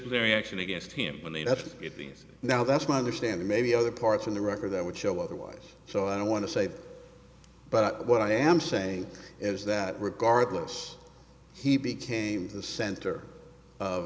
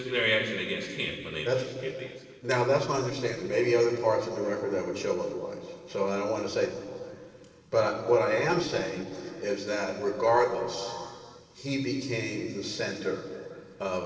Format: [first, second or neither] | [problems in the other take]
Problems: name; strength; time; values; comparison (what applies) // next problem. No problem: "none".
first | noise reduction (neural separator model SepFormer DNS4)